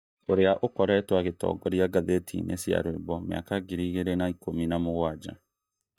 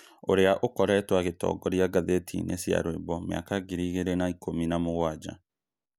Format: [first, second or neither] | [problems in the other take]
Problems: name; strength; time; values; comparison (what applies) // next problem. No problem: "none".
second | noise reduction (neural mask model DeepFilterNet 3)